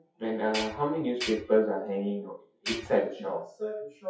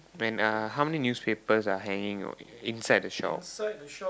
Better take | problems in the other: second | noise reduction (classical method WPE with log-MMSE)

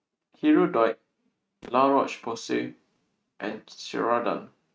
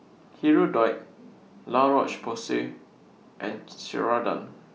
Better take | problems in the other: second | noise reduction (neural mask model RNNoise)

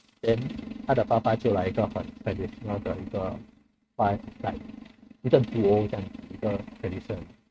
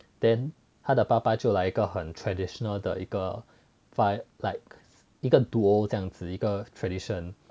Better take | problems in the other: second | noise reduction (neural mask model RNNoise)

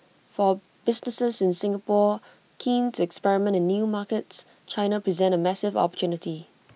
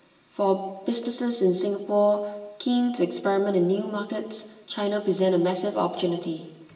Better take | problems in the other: first | room echo; dies away in 1.1 s

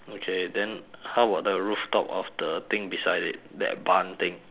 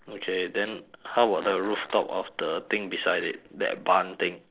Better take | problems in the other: first | noise reduction (neural separator model SepFormer DNS4)

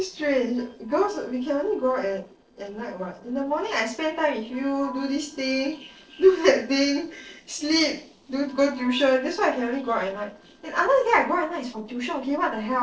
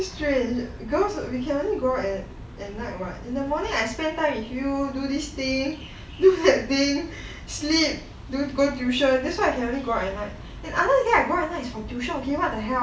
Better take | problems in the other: second | noise reduction (neural separator model SepFormer DNS4)

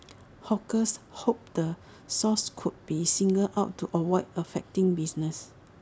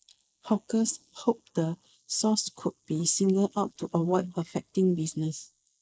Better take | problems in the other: first | noise reduction (neural mask model Resemble Enhance denoiser)

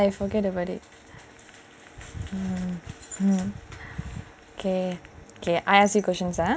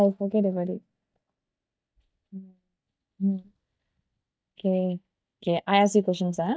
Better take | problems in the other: first | noise reduction (neural mask model DeepFilterNet 3)

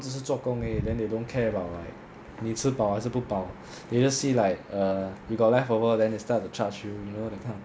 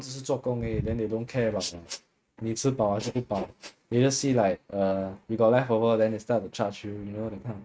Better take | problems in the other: first | noise reduction (neural mask model RNNoise)

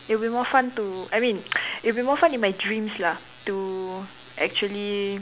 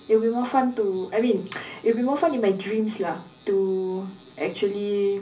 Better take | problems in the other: first | room echo; dies away in 0.5 s

